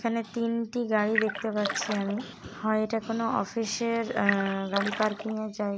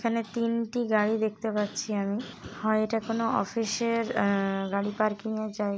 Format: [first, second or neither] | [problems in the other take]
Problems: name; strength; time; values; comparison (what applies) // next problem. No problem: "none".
second | background sound (Splash, splatter); 5 dB below the speech